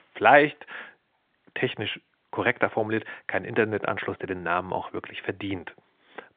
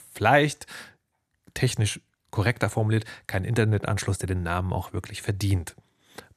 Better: second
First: phone-call audio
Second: none

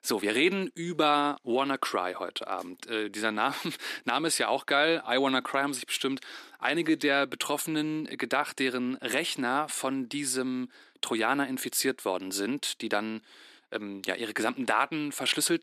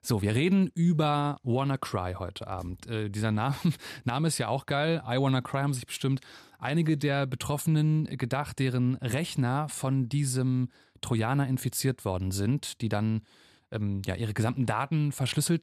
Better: second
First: thin; somewhat; fading below 300 Hz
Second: none

